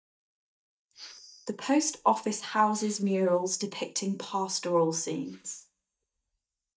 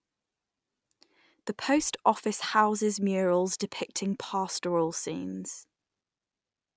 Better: second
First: noise reduction (neural mask model DeepFilterNet 3)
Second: none

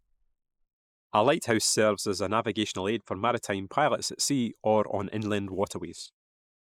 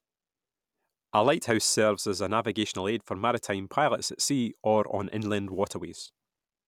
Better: second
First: noise reduction (neural mask model Resemble Enhance denoiser)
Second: none

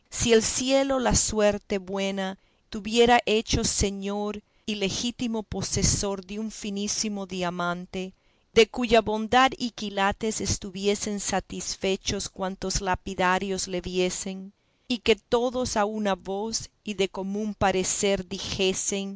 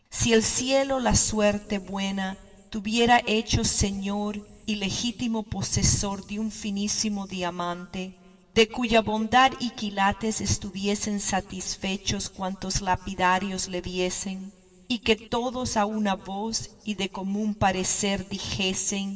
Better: first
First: none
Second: room echo; dies away in 2.4 s

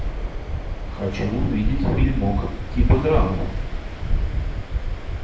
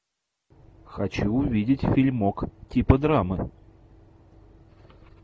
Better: second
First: background sound (Waves, surf); 2 dB above the speech // room echo; dies away in 0.6 s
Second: none

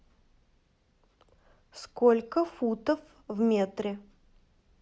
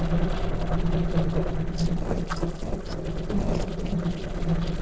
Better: first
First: none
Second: noise reduction (neural separator model SepFormer DNS4)

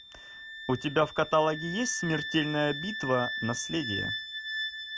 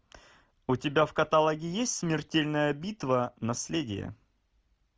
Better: second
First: background sound (Wind instrument, woodwind instrument); 6 dB below the speech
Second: none

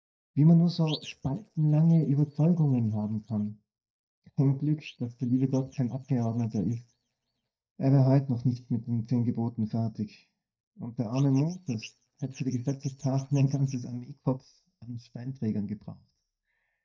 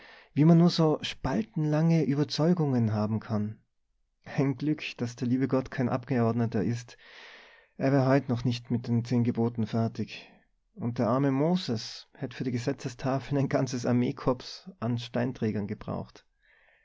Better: second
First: noise reduction (neural mask model DeepFilterNet 3)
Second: none

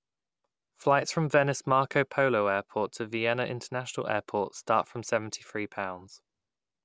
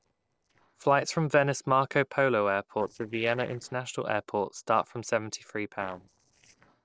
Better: first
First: none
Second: noise reduction (neural separator model SepFormer DNS4)

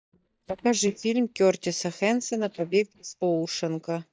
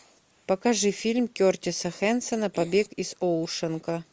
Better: second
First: noise reduction (neural mask model DeepFilterNet 3)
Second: none

